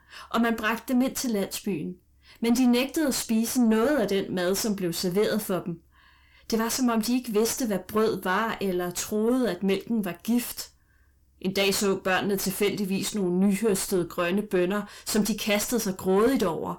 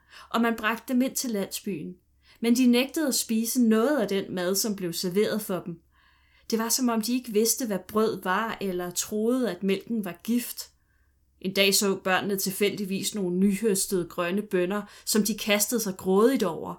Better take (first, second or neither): second